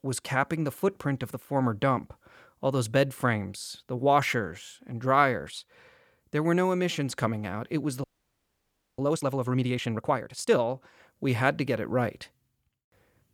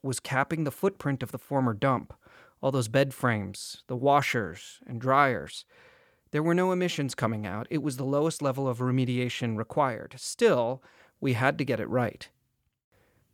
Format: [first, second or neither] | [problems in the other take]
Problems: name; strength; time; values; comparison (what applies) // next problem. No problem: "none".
second | audio freezing; at 8 s for 1 s